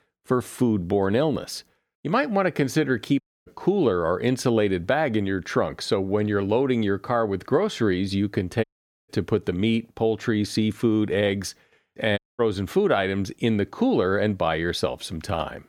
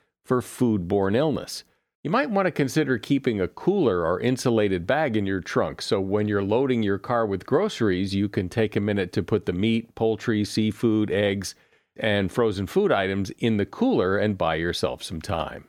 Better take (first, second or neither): second